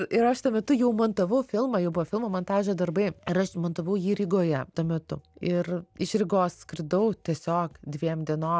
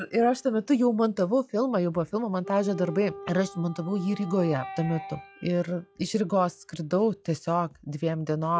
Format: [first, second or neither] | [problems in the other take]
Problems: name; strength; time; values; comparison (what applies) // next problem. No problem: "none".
first | noise reduction (classical method log-MMSE)